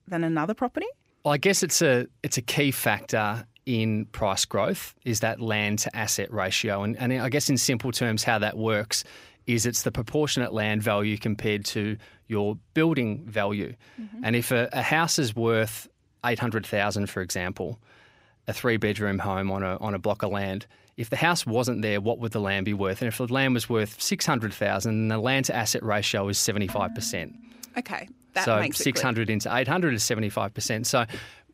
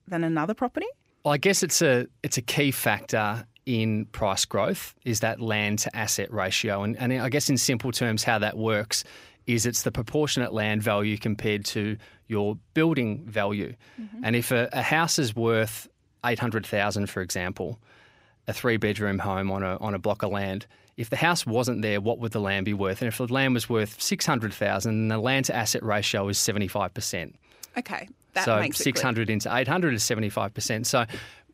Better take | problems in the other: second | clattering dishes; faint; at 27 s; peak 10 dB below the speech

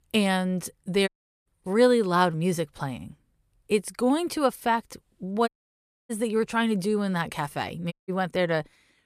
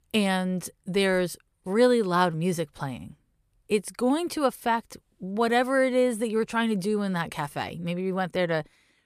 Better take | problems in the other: second | audio cutting out; at 1 s, at 5.5 s for 0.5 s and at 8 s

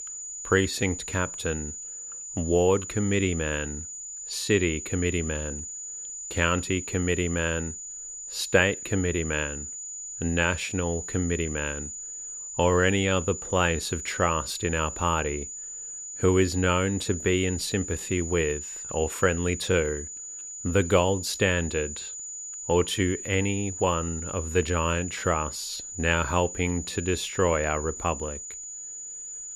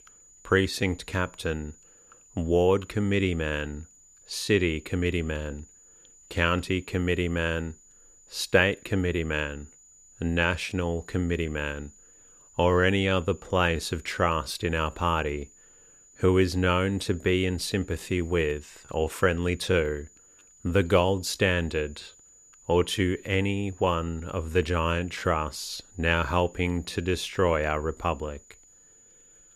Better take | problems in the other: second | high-pitched whine; loud; throughout; 7 kHz, 8 dB below the speech; faint in the second

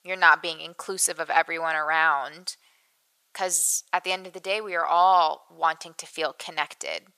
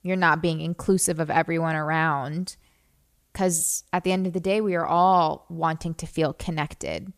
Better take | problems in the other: second | thin; very; fading below 800 Hz

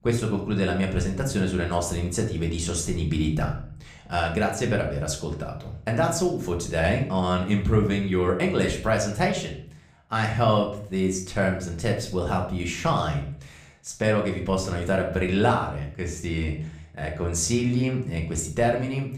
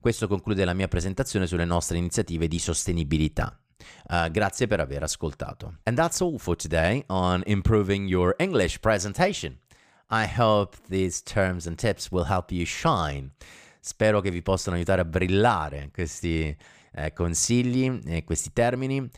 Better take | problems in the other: second | room echo; slight; dies away in 0.5 s // off-mic speech; somewhat distant

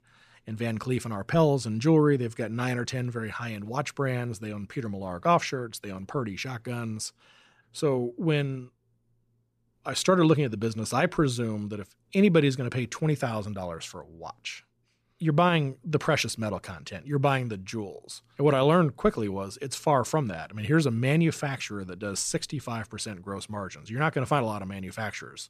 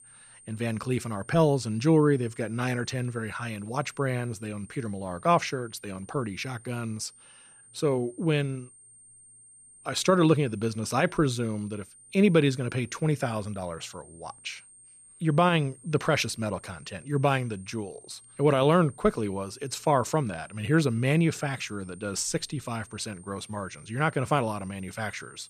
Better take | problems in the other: first | high-pitched whine; faint; throughout; 8.5 kHz, 25 dB below the speech

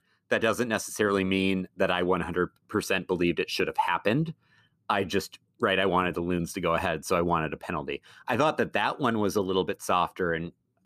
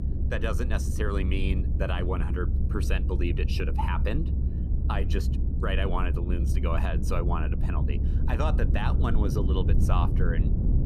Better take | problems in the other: first | low rumble; loud; throughout; 7 dB below the speech

